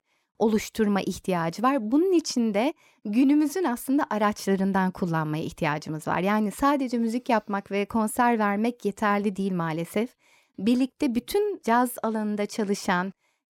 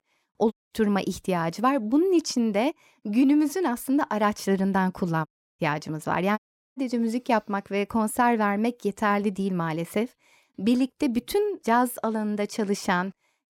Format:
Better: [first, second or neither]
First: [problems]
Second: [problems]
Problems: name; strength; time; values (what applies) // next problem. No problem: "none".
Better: first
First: none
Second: audio cutting out; at 0.5 s, at 5.5 s and at 6.5 s